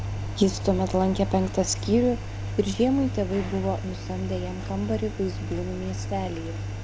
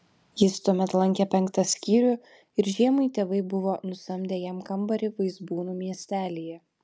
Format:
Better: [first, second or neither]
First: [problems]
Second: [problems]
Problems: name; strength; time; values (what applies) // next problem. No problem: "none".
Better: second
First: background sound (Engine); 5 dB below the speech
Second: none